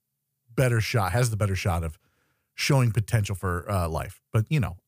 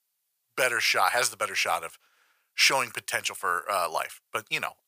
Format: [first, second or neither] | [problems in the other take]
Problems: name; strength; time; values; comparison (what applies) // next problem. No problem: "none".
first | thin; very; fading below 850 Hz